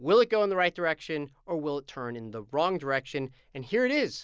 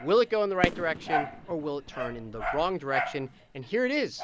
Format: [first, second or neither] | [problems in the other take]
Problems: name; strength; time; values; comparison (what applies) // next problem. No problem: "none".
first | background sound (Fireworks + Dog); 6 dB below the speech